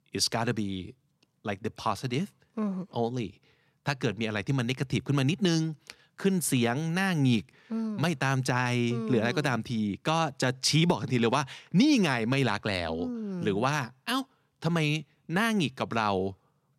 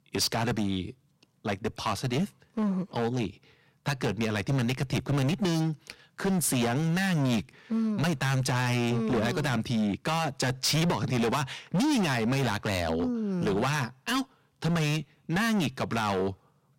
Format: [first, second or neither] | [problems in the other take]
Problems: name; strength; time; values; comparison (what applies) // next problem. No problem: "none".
first | distortion; heavy; 18% of the sound clipped